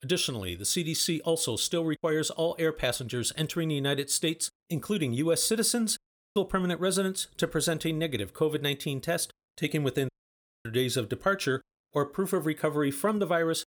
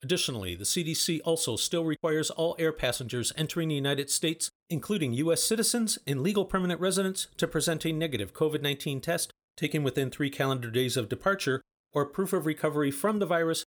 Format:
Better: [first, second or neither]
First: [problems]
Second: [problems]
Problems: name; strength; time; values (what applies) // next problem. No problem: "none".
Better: second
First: audio cutting out; at 6 s and at 10 s for 0.5 s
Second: none